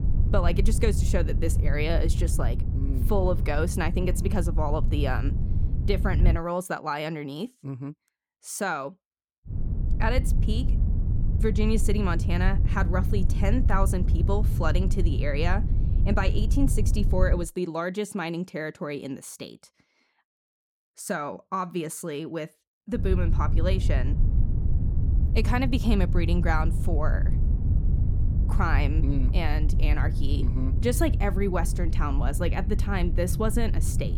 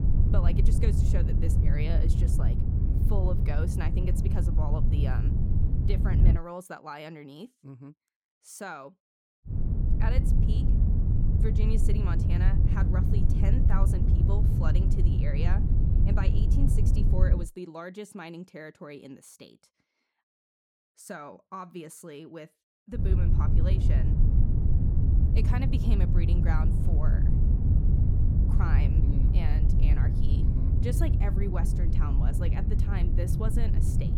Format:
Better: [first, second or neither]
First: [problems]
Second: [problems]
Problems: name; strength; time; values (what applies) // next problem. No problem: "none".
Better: first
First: wind noise on the microphone; occasional gusts; until 6.5 s, from 9.5 to 17 s and from 23 s on; 10 dB below the speech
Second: wind noise on the microphone; heavy; until 6.5 s, from 9.5 to 17 s and from 23 s on; as loud as the speech